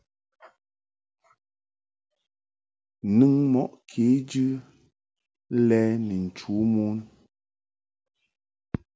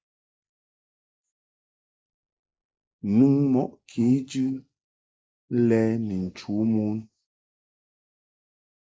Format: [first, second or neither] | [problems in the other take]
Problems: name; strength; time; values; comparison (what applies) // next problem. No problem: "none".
first | noise reduction (neural mask model Resemble Enhance denoiser)